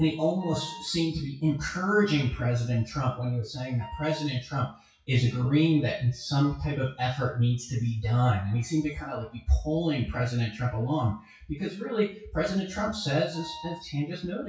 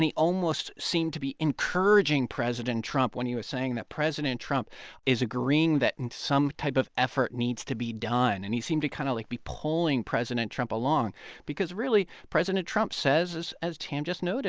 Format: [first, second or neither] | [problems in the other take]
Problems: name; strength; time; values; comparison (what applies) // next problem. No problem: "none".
second | noise reduction (classical method WPE with log-MMSE)